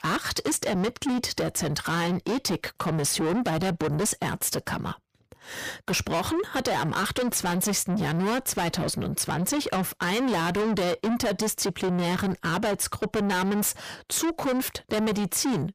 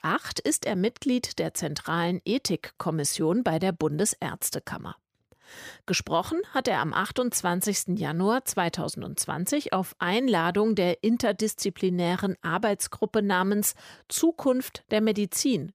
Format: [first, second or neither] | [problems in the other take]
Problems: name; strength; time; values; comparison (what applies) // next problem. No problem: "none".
second | distortion; heavy; 6 dB below the speech